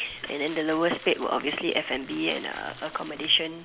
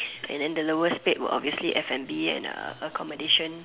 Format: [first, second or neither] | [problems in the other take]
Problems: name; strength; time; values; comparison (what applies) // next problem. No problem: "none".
second | background sound (Crumpling, crinkling); 18 dB below the speech